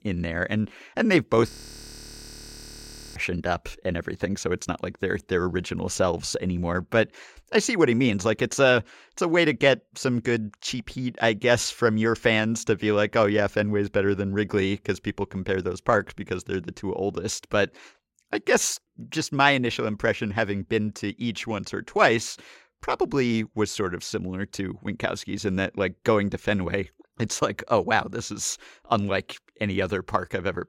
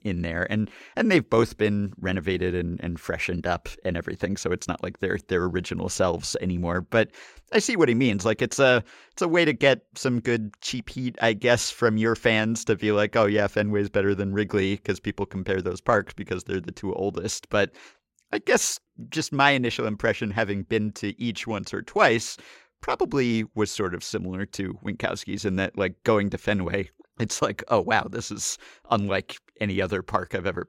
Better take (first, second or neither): second